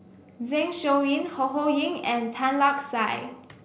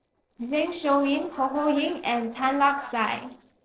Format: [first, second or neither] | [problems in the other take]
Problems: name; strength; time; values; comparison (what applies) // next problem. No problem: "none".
first | noise reduction (neural separator model SepFormer DNS4)